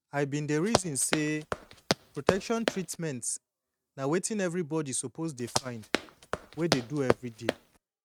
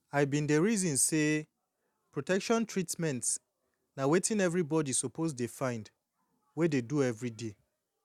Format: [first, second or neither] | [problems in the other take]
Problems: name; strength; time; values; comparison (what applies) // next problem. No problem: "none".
second | noise reduction (neural mask model RNNoise)